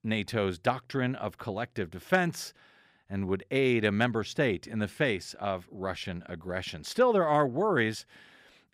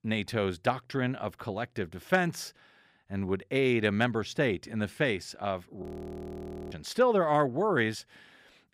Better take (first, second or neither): first